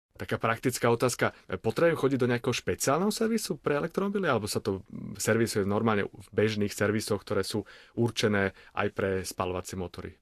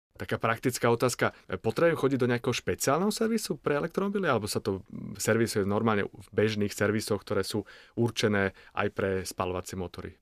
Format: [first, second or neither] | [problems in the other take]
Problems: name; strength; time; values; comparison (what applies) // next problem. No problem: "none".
second | garbled, watery; slightly; nothing above 12.5 kHz